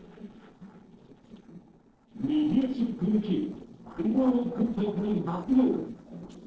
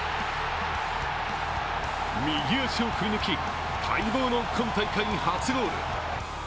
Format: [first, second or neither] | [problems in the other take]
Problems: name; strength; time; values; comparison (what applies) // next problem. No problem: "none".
second | noise reduction (neural separator model SepFormer DNS4)